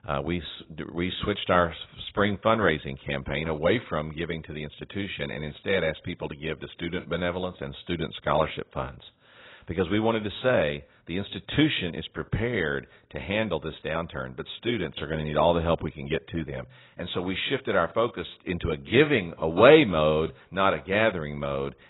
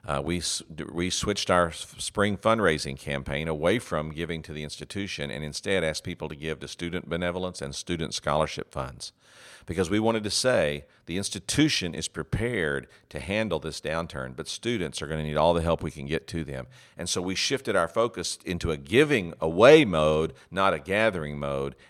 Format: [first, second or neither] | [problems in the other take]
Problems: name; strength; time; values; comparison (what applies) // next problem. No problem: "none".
second | garbled, watery; badly; nothing above 4 kHz